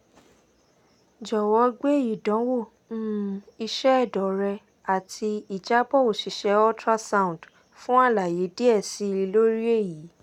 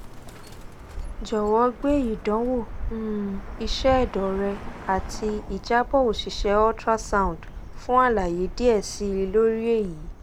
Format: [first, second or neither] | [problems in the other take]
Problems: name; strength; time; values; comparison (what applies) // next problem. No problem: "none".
first | background sound (Bird); 9 dB below the speech